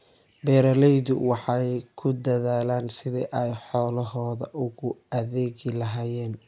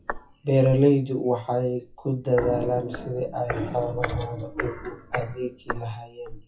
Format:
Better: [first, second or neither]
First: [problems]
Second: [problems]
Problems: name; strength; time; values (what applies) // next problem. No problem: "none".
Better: first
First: none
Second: noise reduction (classical method WPE with log-MMSE)